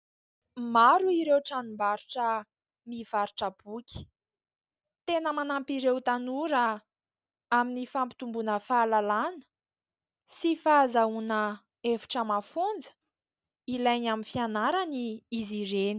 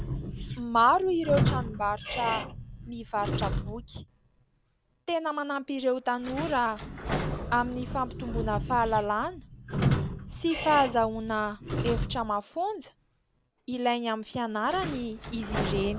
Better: first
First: none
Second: background sound (Squeak / Sliding door); 4 dB below the speech

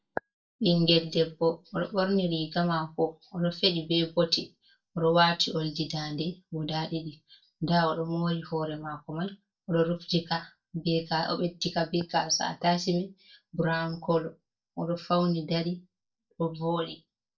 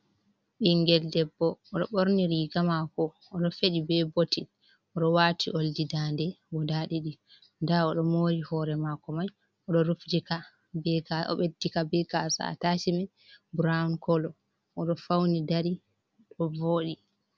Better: second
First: noise reduction (neural mask model DeepFilterNet 3)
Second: none

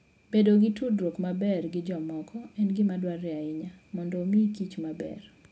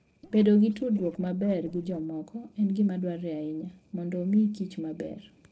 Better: first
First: none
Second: noise reduction (neural separator model SepFormer DNS4)

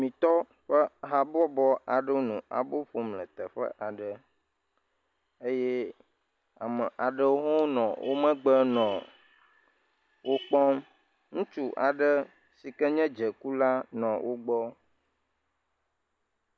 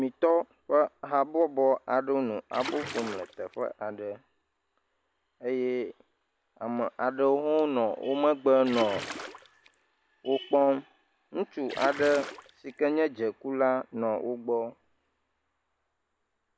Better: first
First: none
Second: background sound (Splash, splatter); 11 dB below the speech

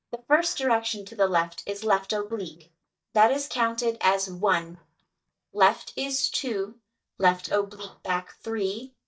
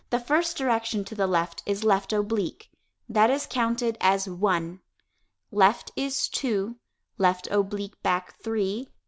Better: second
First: noise reduction (neural mask model DeepFilterNet 3)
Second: none

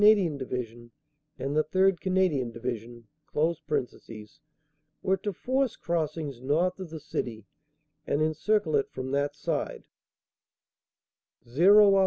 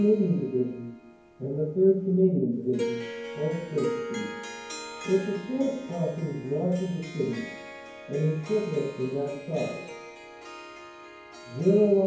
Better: first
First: none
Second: background sound (Harp); 12 dB below the speech // room echo; dies away in 0.9 s

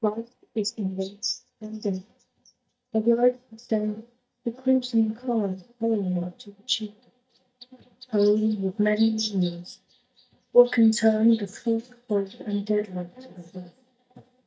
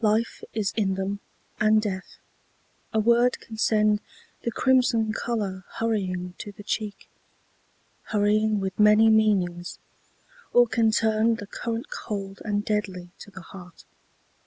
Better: second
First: noise reduction (neural mask model DeepFilterNet 3)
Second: none

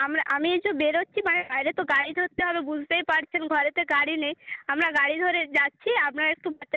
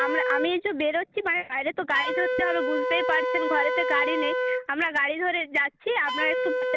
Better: first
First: none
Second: background sound (Wind instrument, woodwind instrument); 2 dB below the speech

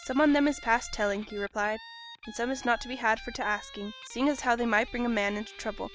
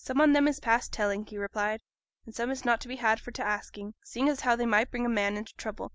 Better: second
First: background sound (Guitar); 18 dB below the speech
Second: none

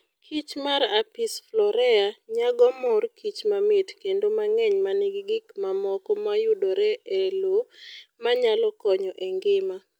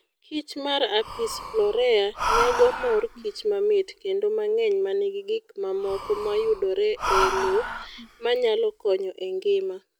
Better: first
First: none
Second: background sound (Breathing); 7 dB below the speech

